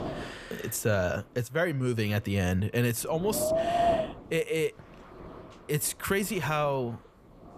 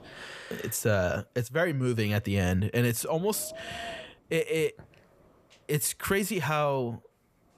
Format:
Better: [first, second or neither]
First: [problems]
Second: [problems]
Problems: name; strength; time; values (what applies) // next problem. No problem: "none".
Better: second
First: wind noise on the microphone; heavy; 3 dB above the speech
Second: wind noise on the microphone; occasional gusts; 15 dB below the speech